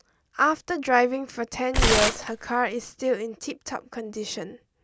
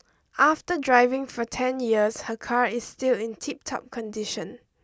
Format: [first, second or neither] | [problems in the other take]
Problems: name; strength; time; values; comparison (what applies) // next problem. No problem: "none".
second | background sound (Tearing); 2 dB above the speech